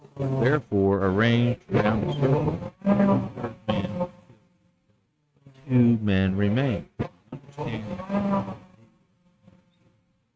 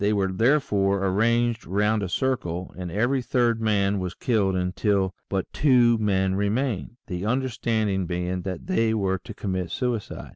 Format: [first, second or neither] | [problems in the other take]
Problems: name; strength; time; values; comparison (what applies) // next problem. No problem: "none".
second | noise reduction (neural mask model RNNoise)